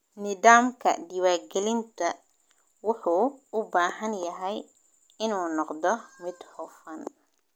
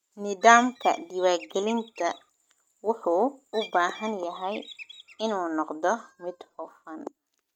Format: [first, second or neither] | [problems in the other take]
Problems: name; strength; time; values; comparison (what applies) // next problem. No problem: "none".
first | noise reduction (neural mask model RNNoise)